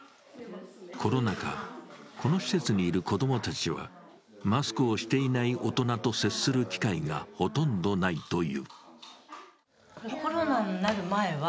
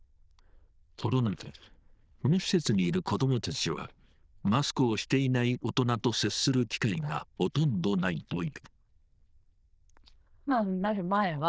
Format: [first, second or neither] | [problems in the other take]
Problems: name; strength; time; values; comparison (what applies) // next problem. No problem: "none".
first | noise reduction (neural diffusion model UNIVERSE++)